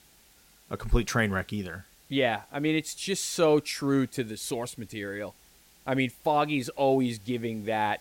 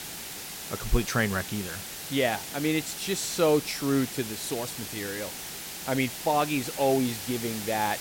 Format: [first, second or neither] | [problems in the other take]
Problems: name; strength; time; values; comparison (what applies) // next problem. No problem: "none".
first | hiss; loud; throughout; 7 dB below the speech; faint in the first